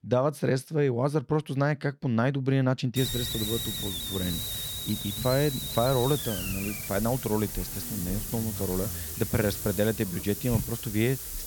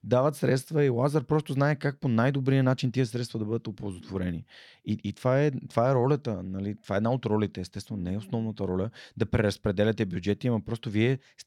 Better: second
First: hiss; loud; from 3 s on; 4 dB below the speech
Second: none

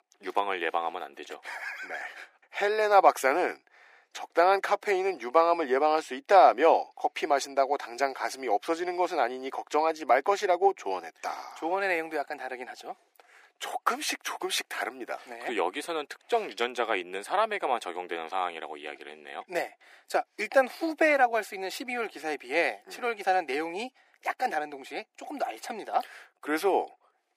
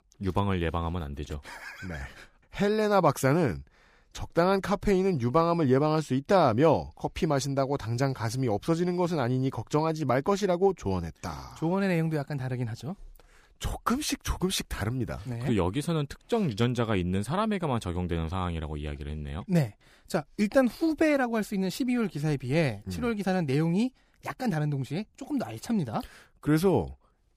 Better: second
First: thin; very; fading below 350 Hz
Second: none

